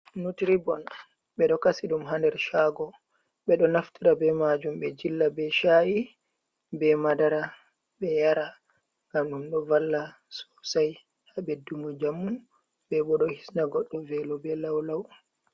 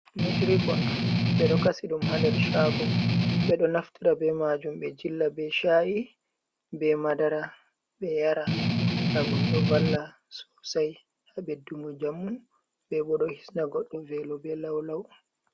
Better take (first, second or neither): first